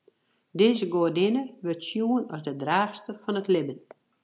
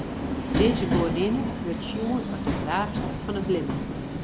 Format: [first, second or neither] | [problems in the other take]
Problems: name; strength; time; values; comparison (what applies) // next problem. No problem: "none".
first | background sound (Subway, metro, underground); 1 dB above the speech